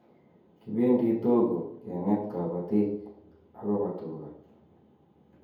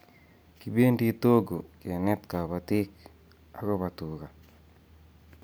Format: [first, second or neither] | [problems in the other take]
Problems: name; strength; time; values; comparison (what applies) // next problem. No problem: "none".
second | room echo; dies away in 0.7 s